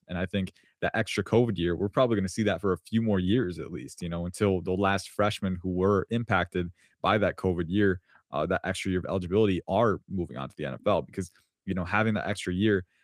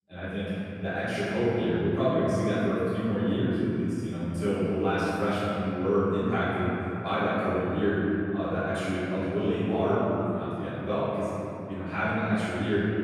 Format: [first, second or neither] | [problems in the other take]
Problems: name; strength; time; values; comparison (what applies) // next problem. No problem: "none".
first | room echo; strong; dies away in 3 s // off-mic speech; far